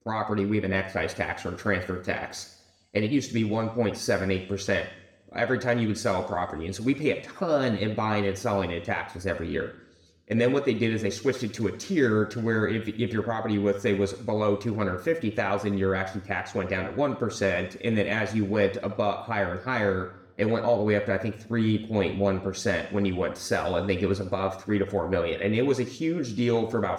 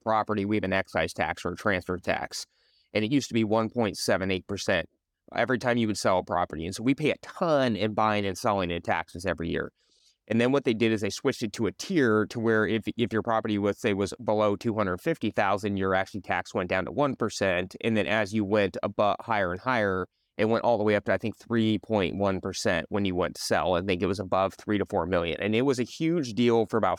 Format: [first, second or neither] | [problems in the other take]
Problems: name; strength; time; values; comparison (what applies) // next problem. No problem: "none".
second | room echo; slight; dies away in 0.7 s